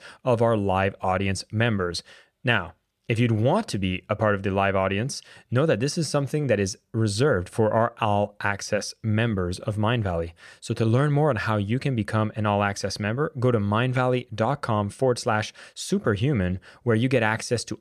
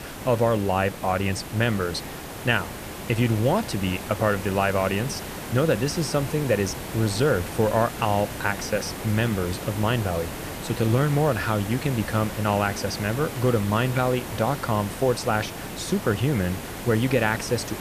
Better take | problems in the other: first | hiss; loud; throughout; 9 dB below the speech

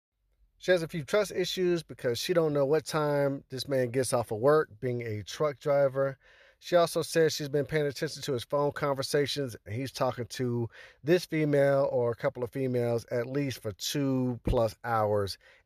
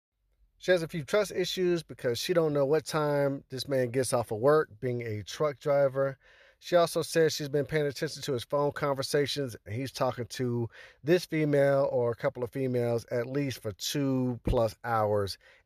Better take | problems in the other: neither | none

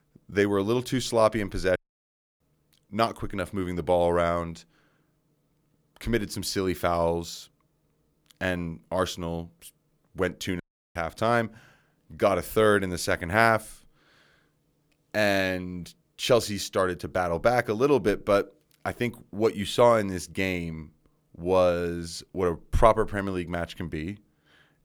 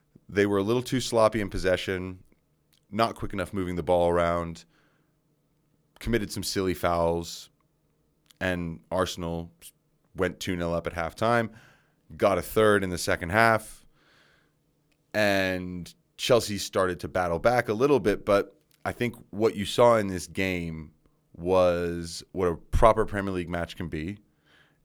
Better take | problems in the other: second | audio cutting out; at 2 s for 0.5 s and at 11 s

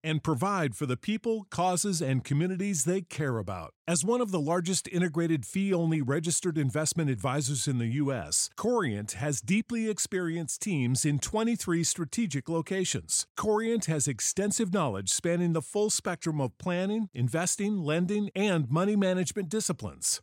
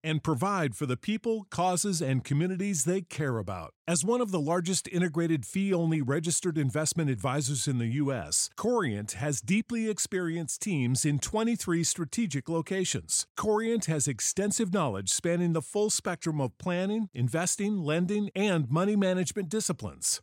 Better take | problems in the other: neither | none

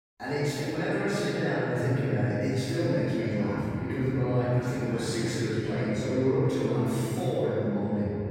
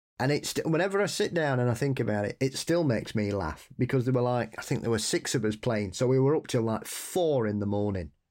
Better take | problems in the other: second | room echo; strong; dies away in 3 s // off-mic speech; far

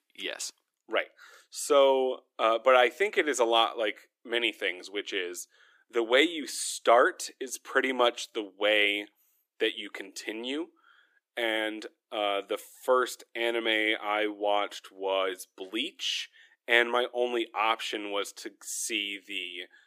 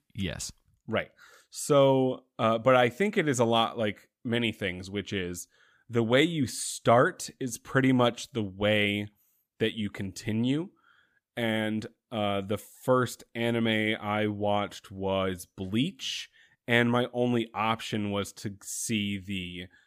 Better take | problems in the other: second | thin; very; fading below 350 Hz

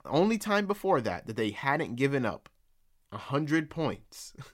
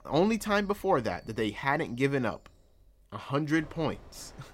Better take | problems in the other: first | animal sounds; faint; throughout; 25 dB below the speech

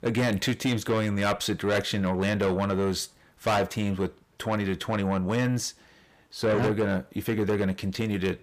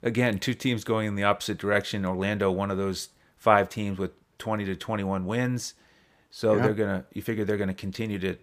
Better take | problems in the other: second | distortion; heavy; 7 dB below the speech

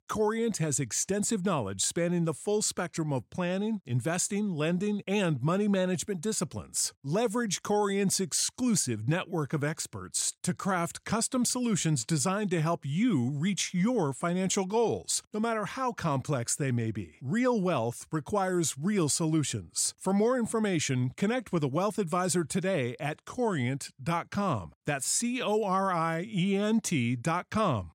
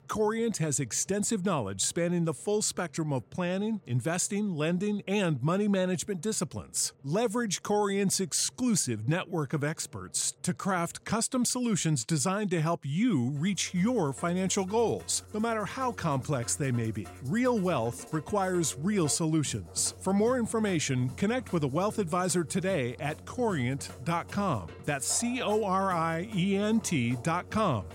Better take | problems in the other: first | background music; faint; throughout; 20 dB below the speech

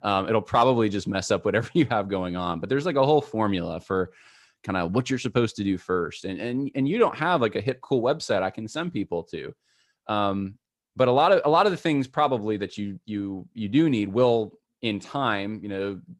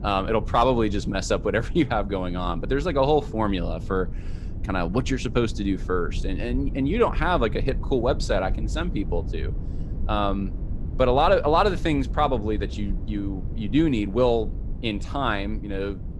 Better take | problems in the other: first | low rumble; faint; throughout; 20 dB below the speech

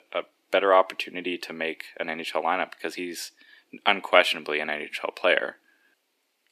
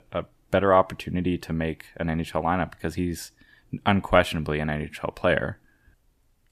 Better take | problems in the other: second | thin; somewhat; fading below 300 Hz

